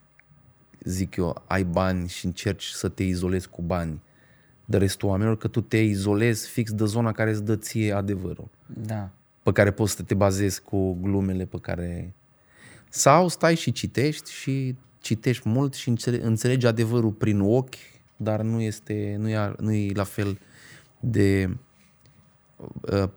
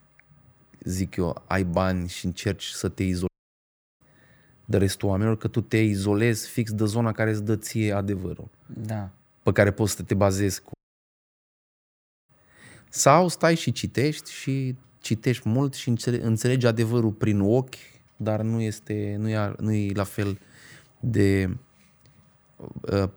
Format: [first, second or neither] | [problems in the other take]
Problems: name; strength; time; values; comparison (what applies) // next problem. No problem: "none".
first | audio cutting out; at 3.5 s for 0.5 s and at 11 s for 1.5 s